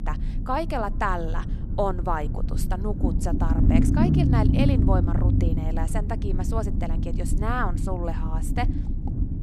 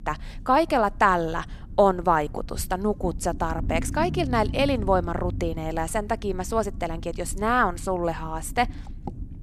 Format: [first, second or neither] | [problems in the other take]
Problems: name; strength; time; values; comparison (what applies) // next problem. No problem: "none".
second | low rumble; loud; throughout; 4 dB below the speech; faint in the second